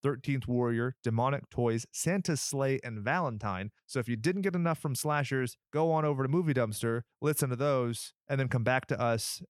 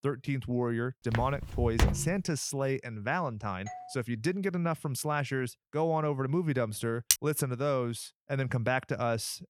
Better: first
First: none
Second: footsteps; loud; at 1 s; peak 3 dB above the speech // doorbell; faint; at 3.5 s; peak 15 dB below the speech // clattering dishes; loud; at 7 s; peak 4 dB above the speech

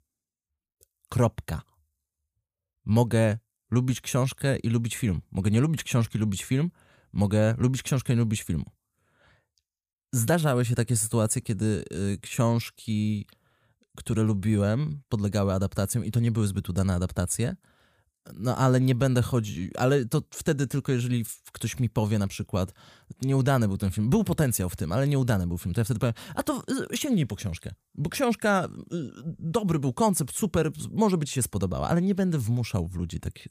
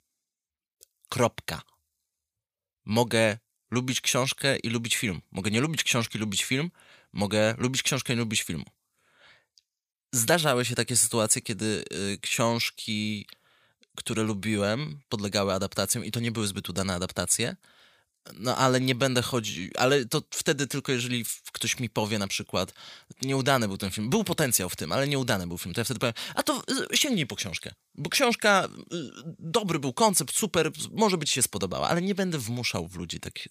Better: first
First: none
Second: thin; very slightly; fading below 400 Hz

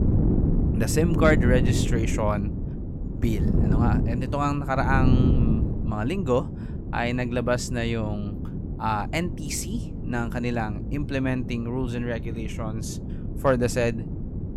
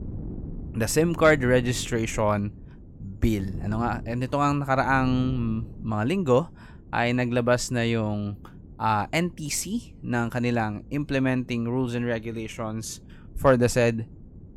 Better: second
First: wind noise on the microphone; heavy; 8 dB below the speech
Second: wind noise on the microphone; occasional gusts; 25 dB below the speech

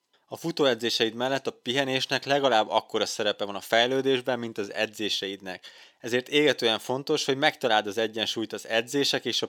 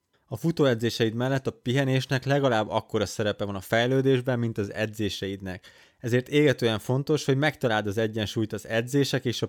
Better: second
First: thin; somewhat; fading below 250 Hz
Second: none

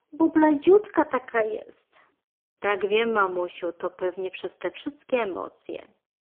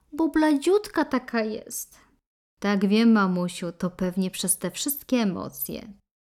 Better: second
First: phone-call audio; poor line; nothing above 3 kHz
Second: none

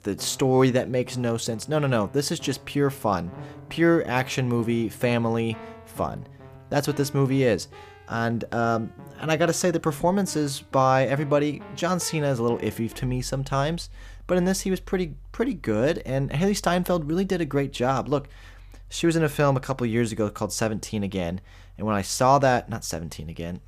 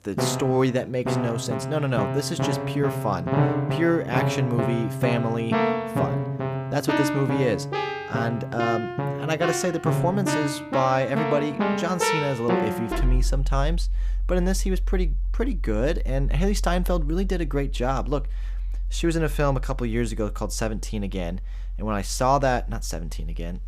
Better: first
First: background music; faint; throughout; 20 dB below the speech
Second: background music; loud; throughout; 1 dB below the speech

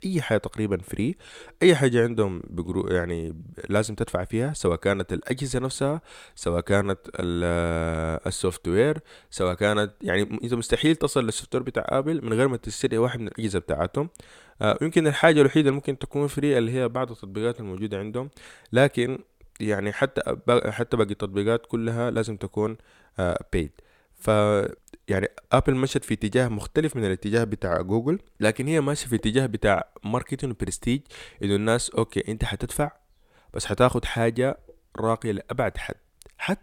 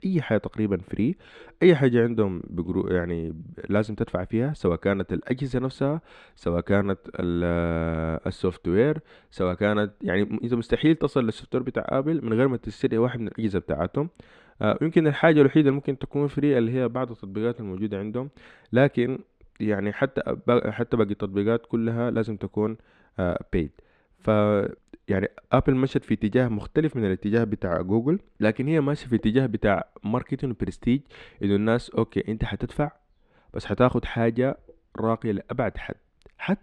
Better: first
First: none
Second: muffled; slightly; fading above 3 kHz

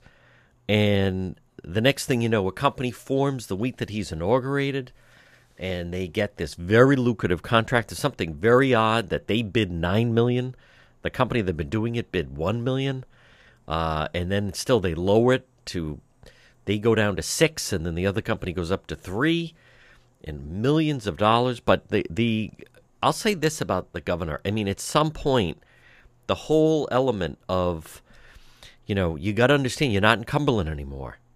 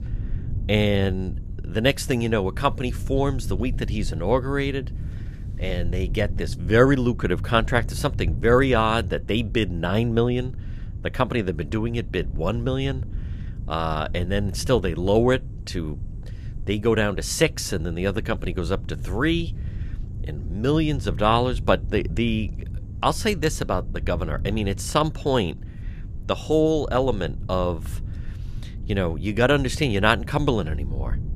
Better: first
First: none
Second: low rumble; faint; throughout; 20 dB below the speech

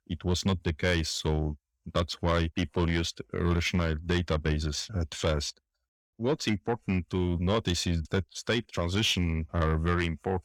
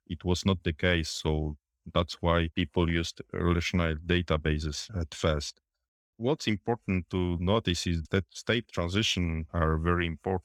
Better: second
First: distortion; slight; 10 dB below the speech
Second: none

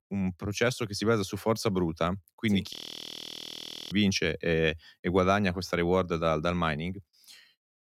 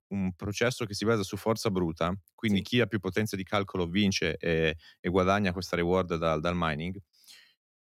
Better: second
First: audio freezing; at 2.5 s for 1 s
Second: none

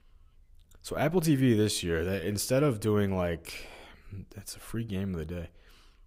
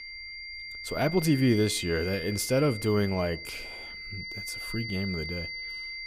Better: first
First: none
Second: high-pitched whine; loud; throughout; 2 kHz, 9 dB below the speech

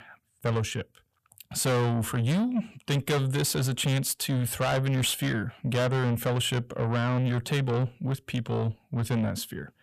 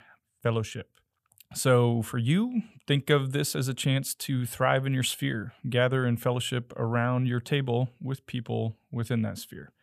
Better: second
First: distortion; heavy; 7 dB below the speech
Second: none

